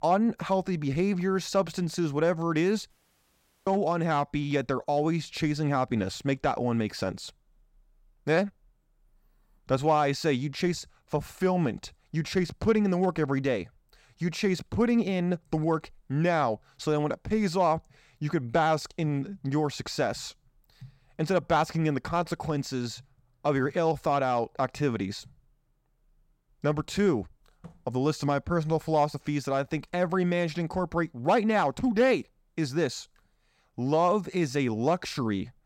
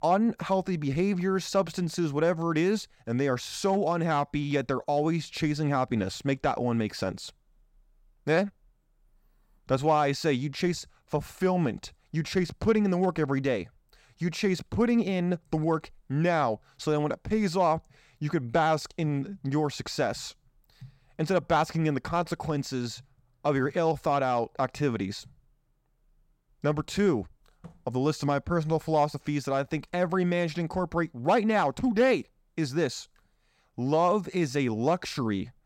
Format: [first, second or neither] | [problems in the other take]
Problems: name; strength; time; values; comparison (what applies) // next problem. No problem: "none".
second | audio cutting out; at 3 s for 1 s